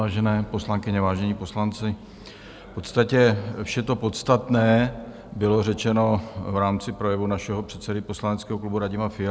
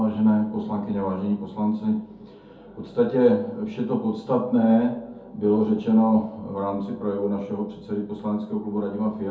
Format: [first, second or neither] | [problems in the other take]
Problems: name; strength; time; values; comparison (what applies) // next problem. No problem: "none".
first | room echo; dies away in 0.5 s